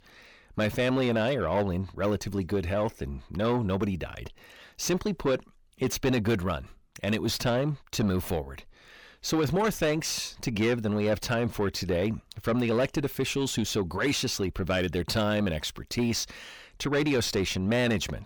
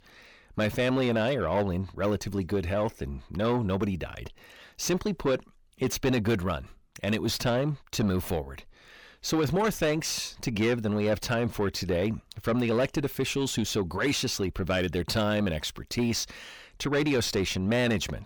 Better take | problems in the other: neither | distortion; slight; 10 dB below the speech; the same in both

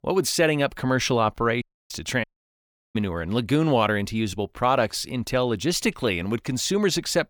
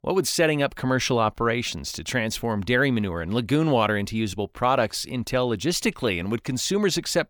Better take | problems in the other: second | audio cutting out; at 1.5 s and at 2 s for 0.5 s

